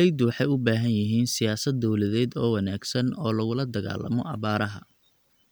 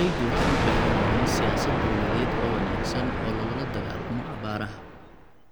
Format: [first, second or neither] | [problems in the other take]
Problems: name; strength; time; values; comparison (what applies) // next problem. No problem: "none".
first | background sound (Thunder); 4 dB above the speech